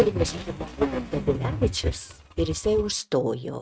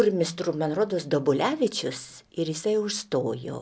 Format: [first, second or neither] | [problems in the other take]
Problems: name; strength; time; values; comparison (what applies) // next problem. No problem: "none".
second | noise reduction (neural mask model RNNoise)